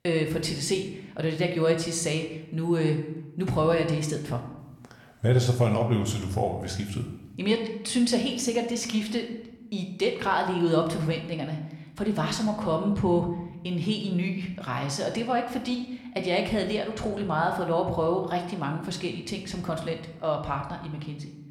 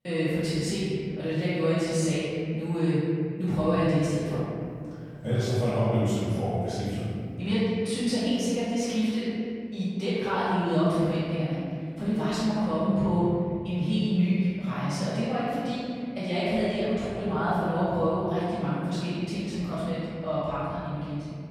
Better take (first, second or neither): first